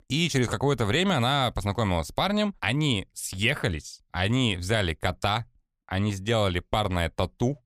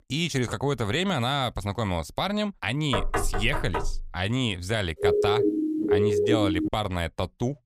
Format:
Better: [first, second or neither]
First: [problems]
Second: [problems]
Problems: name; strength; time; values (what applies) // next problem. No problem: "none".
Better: first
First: none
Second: door banging; noticeable; from 3 to 4 s; peak 1 dB below the speech // siren; loud; from 5 to 6.5 s; peak 5 dB above the speech